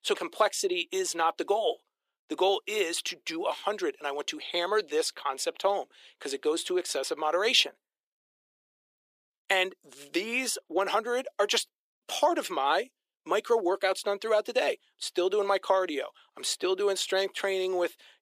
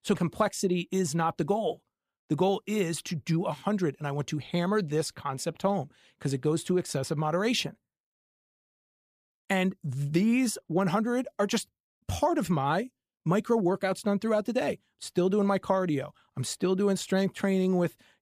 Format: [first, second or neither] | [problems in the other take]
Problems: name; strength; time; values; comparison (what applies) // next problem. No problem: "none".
second | thin; very; fading below 350 Hz